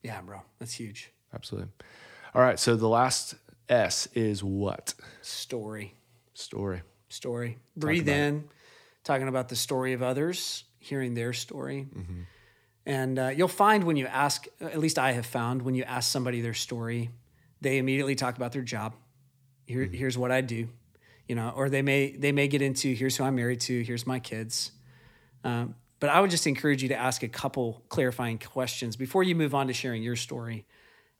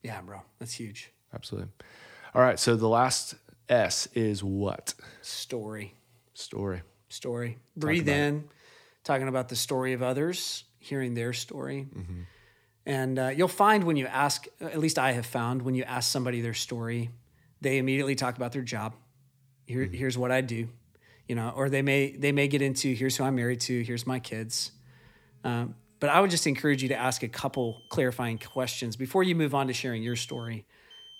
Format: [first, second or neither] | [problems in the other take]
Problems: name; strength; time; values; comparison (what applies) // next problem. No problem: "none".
first | alarms or sirens; faint; throughout; 25 dB below the speech